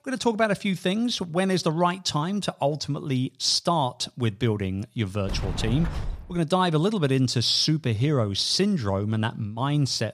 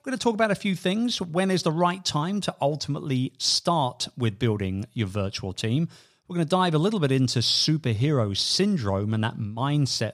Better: second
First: door banging; noticeable; from 5.5 to 6.5 s; peak 7 dB below the speech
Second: none

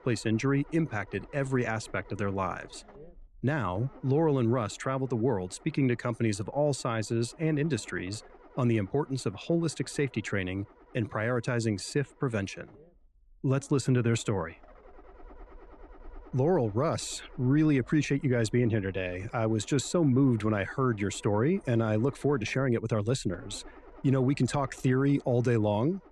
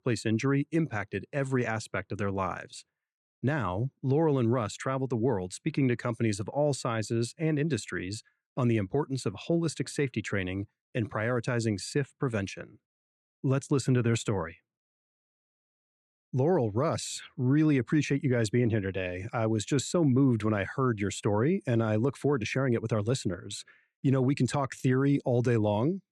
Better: second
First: low rumble; faint; throughout; 20 dB below the speech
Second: none

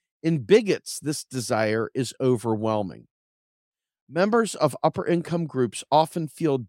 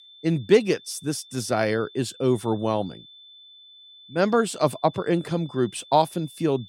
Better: first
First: none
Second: high-pitched whine; faint; throughout; 3.5 kHz, 20 dB below the speech

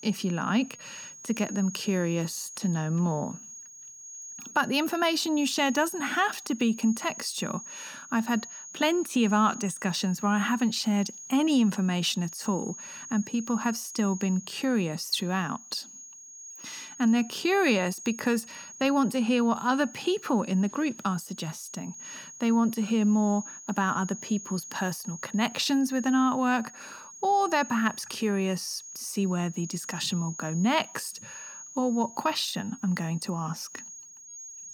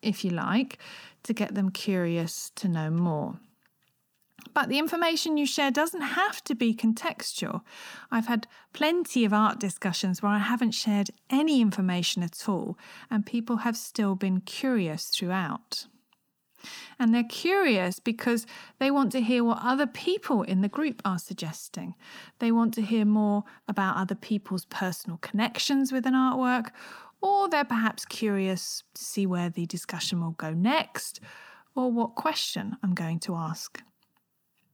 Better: second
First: high-pitched whine; noticeable; throughout; 6.5 kHz, 15 dB below the speech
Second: none

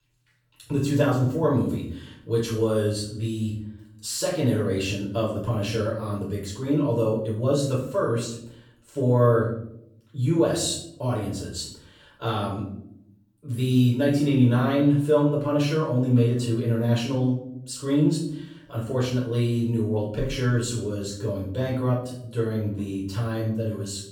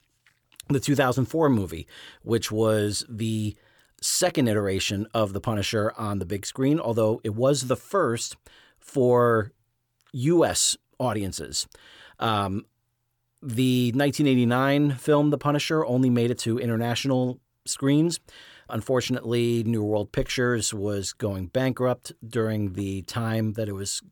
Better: second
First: off-mic speech; far // room echo; noticeable; dies away in 0.7 s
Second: none

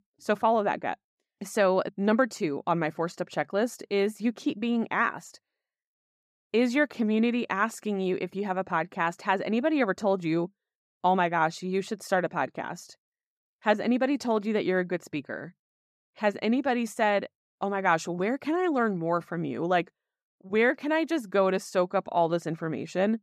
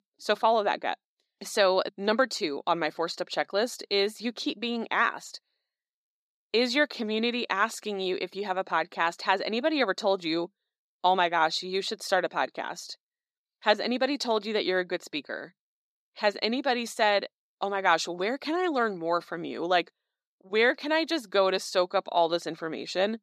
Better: first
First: none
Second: thin; very slightly; fading below 350 Hz

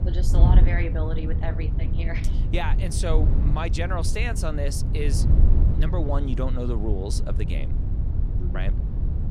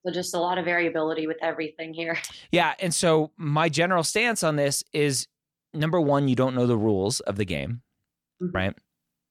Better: second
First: wind noise on the microphone; heavy; 6 dB below the speech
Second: none

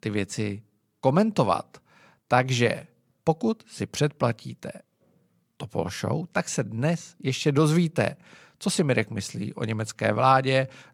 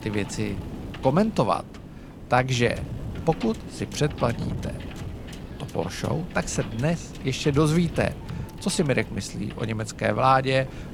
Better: first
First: none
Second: wind noise on the microphone; occasional gusts; 15 dB below the speech

